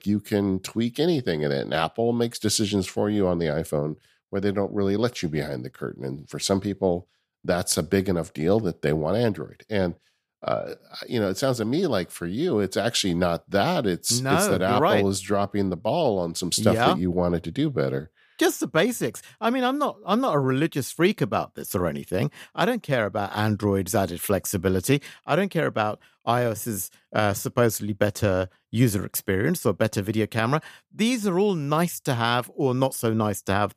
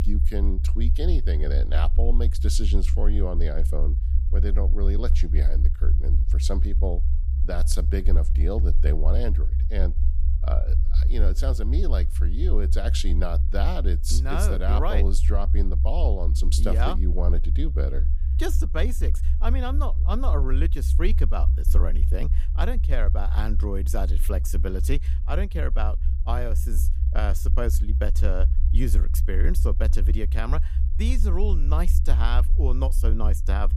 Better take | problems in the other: first | low rumble; loud; throughout; 10 dB below the speech

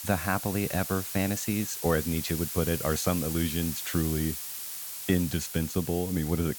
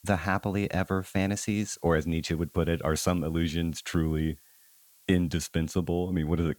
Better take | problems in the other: second | hiss; loud; throughout; 5 dB below the speech; faint in the second

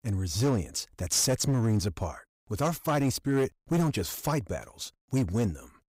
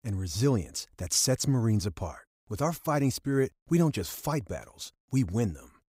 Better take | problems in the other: second | distortion; slight; 7% of the sound clipped

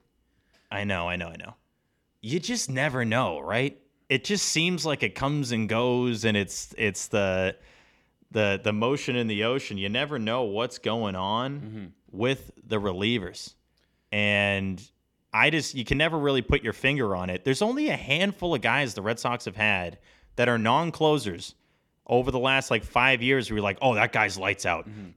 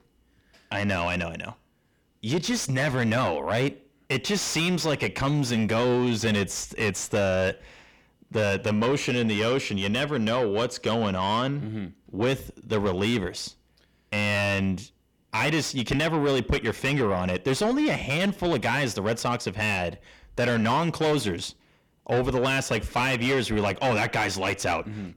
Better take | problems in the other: first | distortion; heavy; 6 dB below the speech

